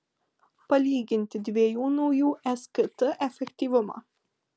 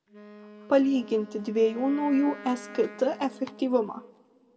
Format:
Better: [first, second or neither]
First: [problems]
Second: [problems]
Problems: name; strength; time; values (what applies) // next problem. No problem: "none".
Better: first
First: none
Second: background sound (Wind instrument, woodwind instrument); 18 dB below the speech // room echo; dies away in 0.7 s